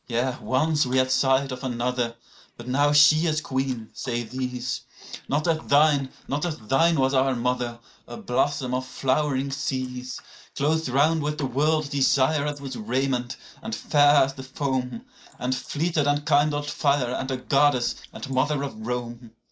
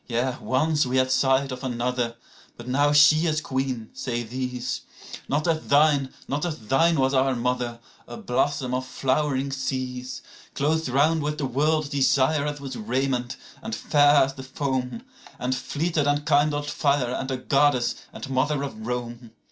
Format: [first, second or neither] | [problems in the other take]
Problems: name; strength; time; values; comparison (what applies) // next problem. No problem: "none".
second | noise reduction (neural mask model Resemble Enhance denoiser)